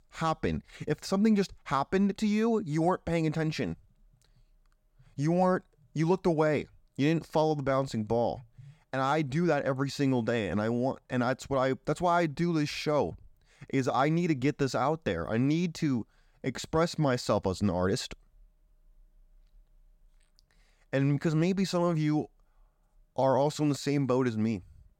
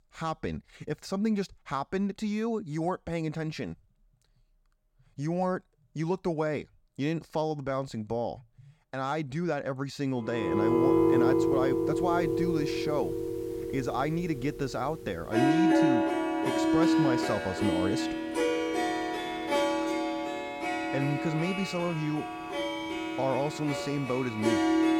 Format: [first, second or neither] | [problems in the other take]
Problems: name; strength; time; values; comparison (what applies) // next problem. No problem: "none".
first | background music; very loud; from 11 s on; 4 dB above the speech